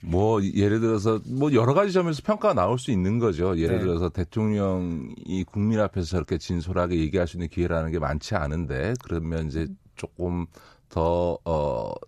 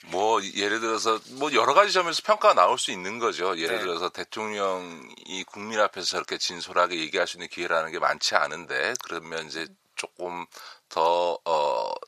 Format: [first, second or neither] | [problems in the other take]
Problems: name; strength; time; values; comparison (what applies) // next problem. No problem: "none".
first | thin; very; fading below 850 Hz